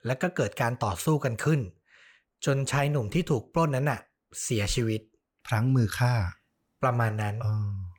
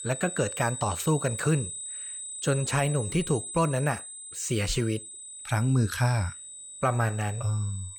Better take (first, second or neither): first